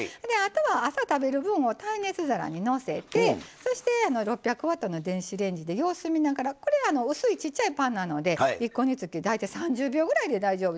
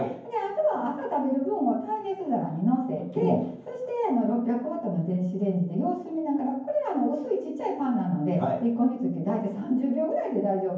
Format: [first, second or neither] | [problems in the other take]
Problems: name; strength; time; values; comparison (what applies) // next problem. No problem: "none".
first | room echo; dies away in 0.9 s